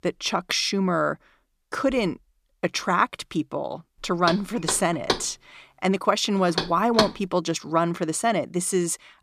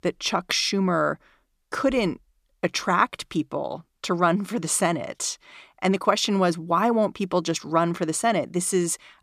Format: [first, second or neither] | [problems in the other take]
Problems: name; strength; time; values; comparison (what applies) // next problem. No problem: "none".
second | door banging; noticeable; from 4.5 to 7 s; peak level with the speech